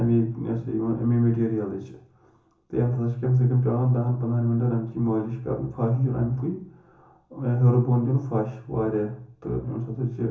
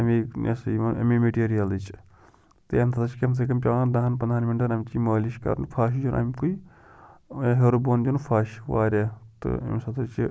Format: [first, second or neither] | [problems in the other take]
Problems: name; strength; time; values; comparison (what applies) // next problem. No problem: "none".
second | room echo; dies away in 0.7 s